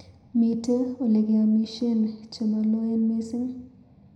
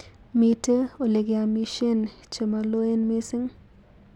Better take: second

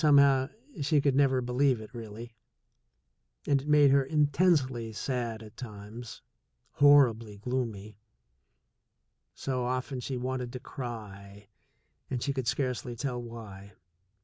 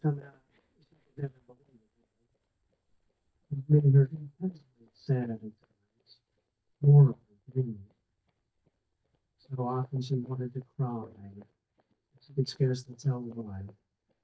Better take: first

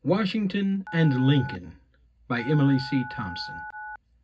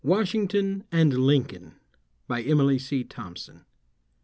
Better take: second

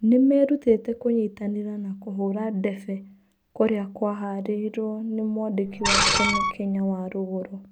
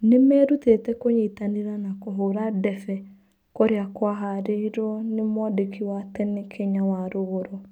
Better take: second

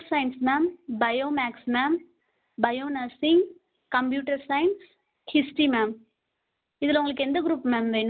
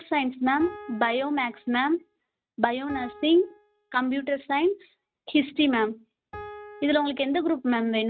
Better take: first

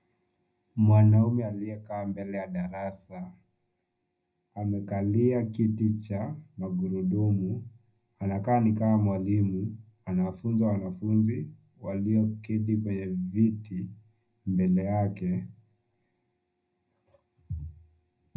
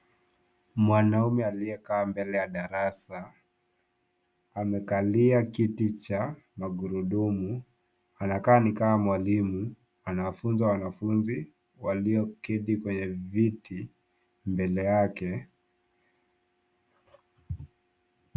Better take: second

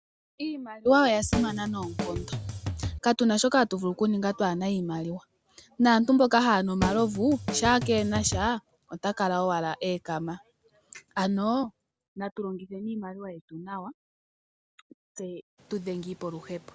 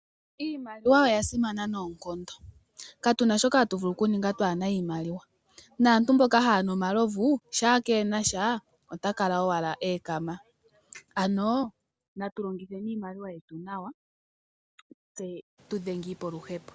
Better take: second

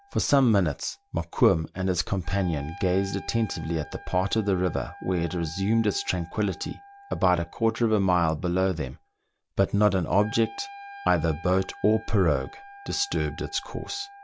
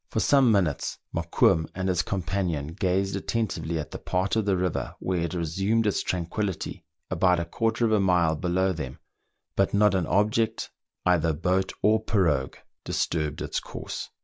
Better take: second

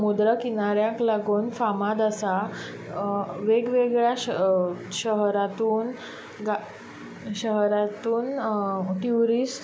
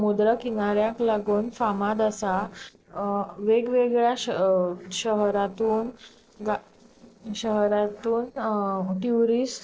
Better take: first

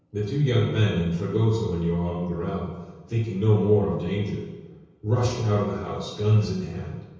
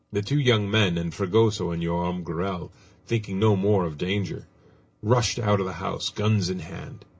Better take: second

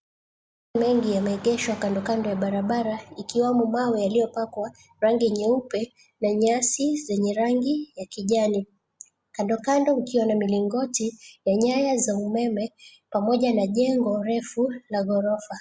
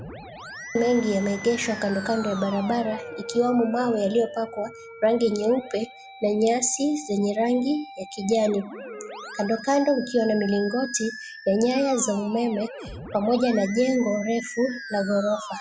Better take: first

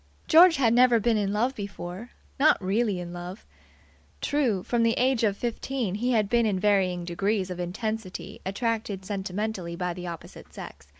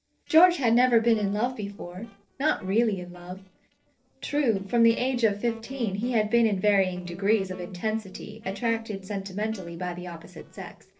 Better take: first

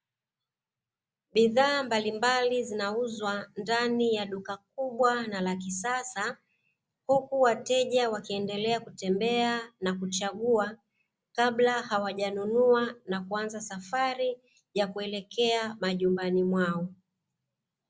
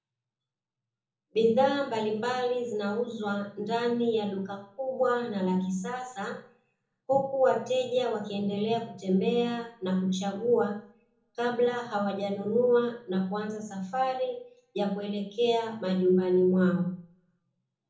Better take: first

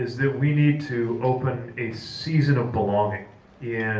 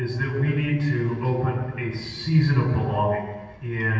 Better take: first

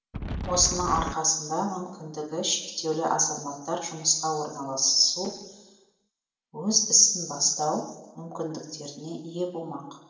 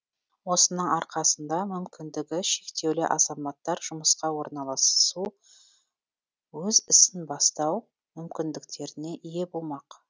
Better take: second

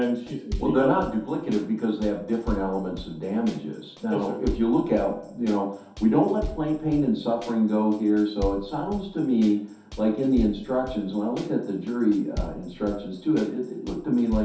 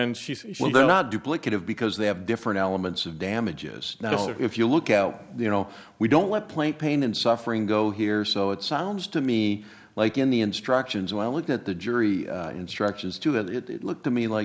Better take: second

